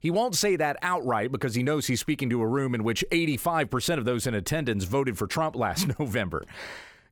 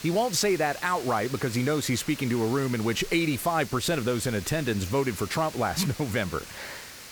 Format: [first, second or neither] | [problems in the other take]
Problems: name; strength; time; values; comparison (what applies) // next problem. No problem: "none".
first | hiss; noticeable; throughout; 15 dB below the speech